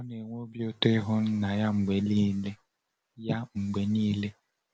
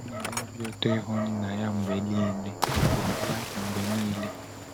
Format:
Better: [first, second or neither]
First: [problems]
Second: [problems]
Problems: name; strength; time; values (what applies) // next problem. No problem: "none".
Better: first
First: none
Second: background sound (Dog + Cricket / Waves, surf); 1 dB below the speech